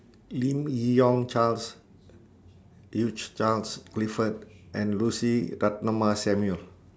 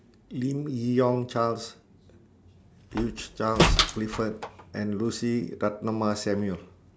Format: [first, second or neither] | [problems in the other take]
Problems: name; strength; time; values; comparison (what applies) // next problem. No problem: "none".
first | background sound (Slam); as loud as the speech